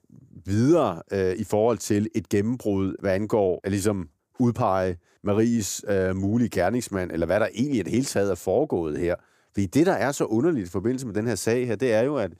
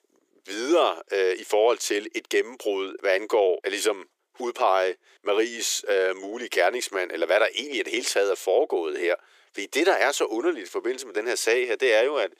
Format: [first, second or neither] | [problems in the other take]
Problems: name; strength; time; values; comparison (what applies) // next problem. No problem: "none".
first | thin; very; fading below 350 Hz